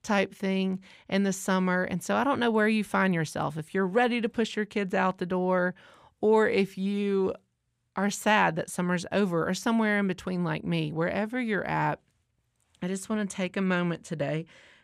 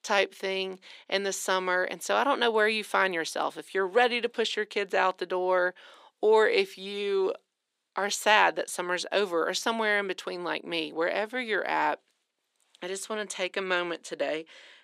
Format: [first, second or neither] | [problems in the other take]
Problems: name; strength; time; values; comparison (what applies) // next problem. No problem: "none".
first | thin; very; fading below 300 Hz